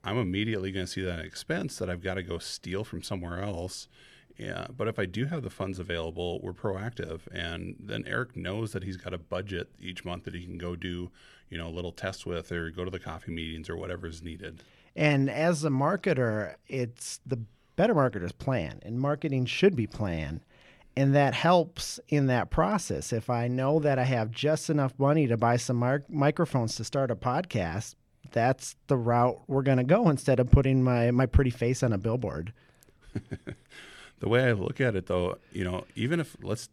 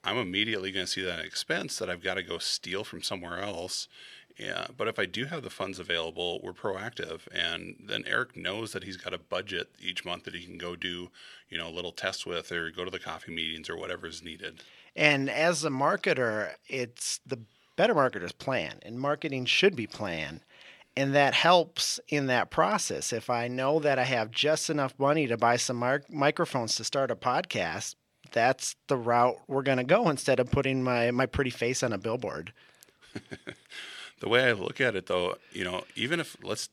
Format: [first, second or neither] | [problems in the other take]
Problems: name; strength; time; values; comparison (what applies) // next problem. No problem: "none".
first | thin; somewhat; fading below 500 Hz